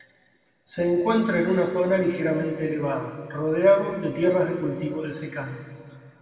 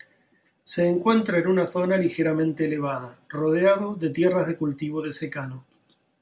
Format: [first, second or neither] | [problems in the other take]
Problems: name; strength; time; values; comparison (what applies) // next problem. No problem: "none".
second | room echo; dies away in 2.1 s